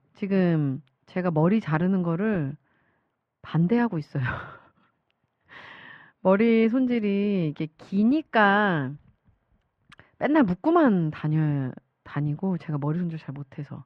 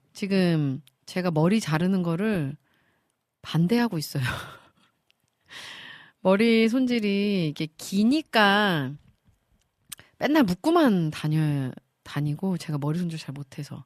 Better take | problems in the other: second | muffled; very; fading above 1.5 kHz

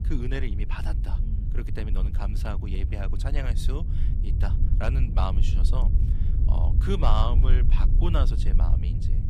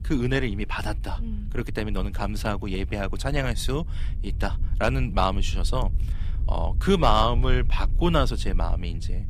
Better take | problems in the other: second | low rumble; loud; throughout; 8 dB below the speech; faint in the second

